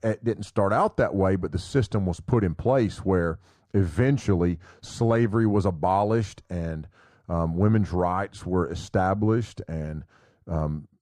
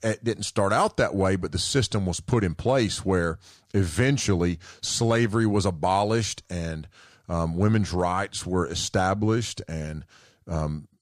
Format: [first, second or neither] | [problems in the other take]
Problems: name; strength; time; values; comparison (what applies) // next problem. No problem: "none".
second | muffled; slightly; fading above 2 kHz